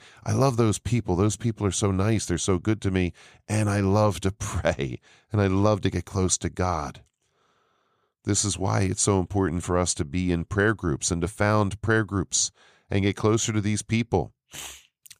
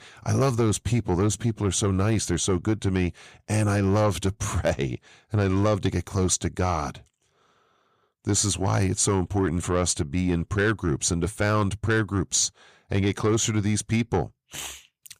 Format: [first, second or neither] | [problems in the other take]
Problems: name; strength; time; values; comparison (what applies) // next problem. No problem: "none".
first | distortion; slight; 10 dB below the speech